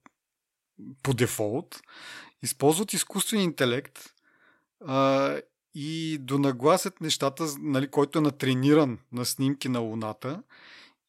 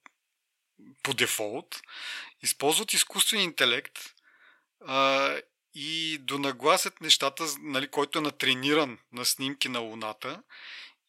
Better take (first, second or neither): first